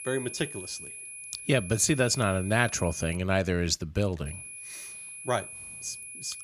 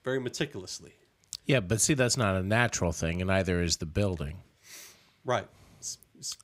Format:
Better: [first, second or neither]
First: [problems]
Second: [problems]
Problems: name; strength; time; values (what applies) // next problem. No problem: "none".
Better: second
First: high-pitched whine; noticeable; until 3 s and from 4.5 s on; 10.5 kHz, 10 dB below the speech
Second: none